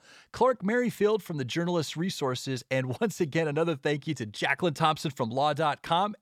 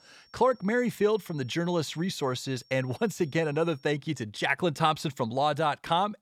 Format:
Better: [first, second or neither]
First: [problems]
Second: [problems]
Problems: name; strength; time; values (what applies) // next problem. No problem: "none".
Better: first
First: none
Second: high-pitched whine; faint; until 4 s; 5.5 kHz, 30 dB below the speech